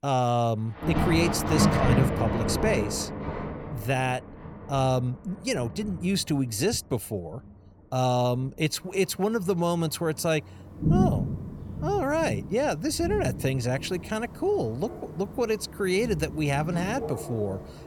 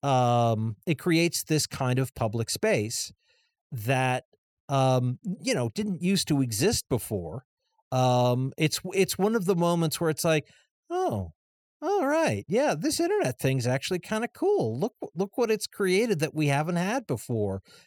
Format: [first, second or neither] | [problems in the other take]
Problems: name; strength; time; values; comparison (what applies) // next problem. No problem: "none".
second | rain or running water; loud; throughout; 3 dB below the speech